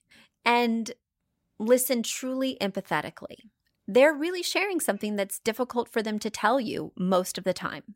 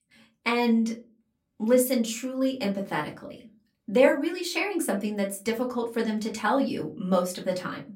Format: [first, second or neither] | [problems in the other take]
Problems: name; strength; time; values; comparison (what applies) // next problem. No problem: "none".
first | off-mic speech; far // room echo; very slight; dies away in 0.3 s